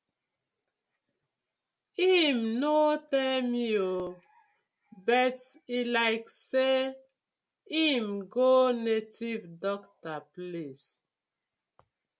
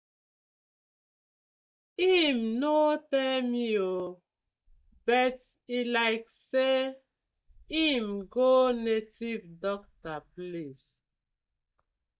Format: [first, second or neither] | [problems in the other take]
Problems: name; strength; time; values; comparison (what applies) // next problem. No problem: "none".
first | noise reduction (neural mask model DeepFilterNet 3)